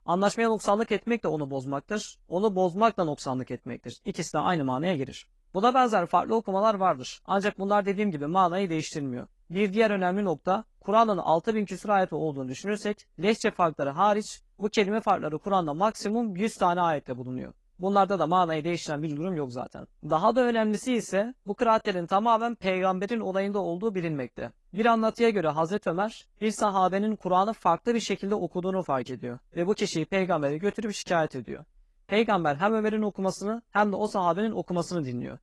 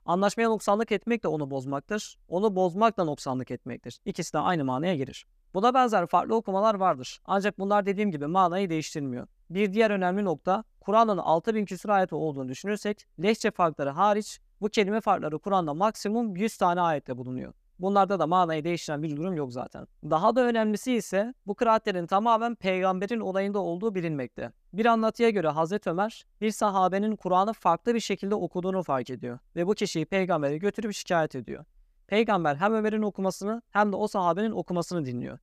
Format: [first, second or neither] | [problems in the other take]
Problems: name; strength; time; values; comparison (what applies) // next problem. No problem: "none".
second | garbled, watery; slightly; nothing above 11 kHz